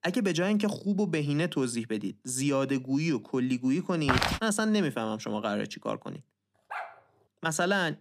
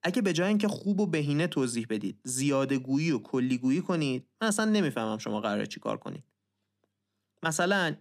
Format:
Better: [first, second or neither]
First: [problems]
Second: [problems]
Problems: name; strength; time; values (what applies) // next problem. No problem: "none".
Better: second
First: footsteps; loud; at 4 s; peak 2 dB above the speech // dog barking; faint; at 6.5 s; peak 10 dB below the speech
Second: none